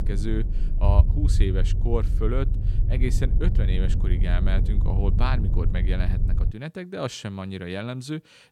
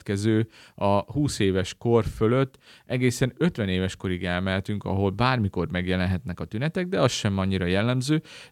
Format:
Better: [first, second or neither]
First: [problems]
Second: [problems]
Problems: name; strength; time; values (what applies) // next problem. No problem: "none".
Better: second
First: low rumble; loud; until 6.5 s; 8 dB below the speech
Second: none